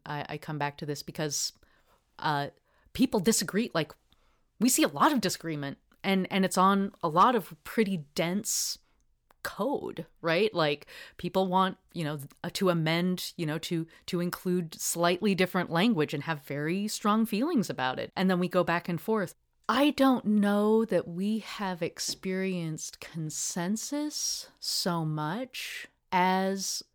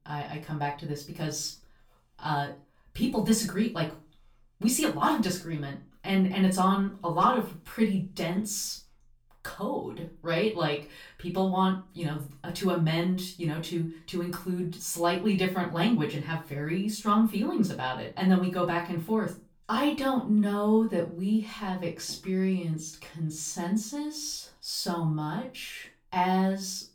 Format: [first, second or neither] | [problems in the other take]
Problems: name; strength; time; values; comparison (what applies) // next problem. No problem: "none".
first | room echo; slight; dies away in 0.3 s // off-mic speech; far